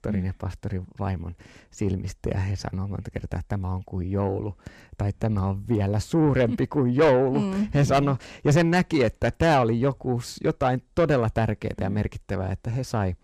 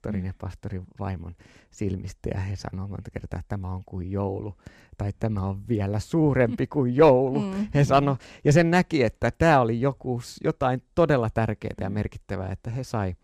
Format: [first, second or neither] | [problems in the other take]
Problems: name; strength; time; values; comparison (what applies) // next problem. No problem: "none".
second | distortion; slight; 10 dB below the speech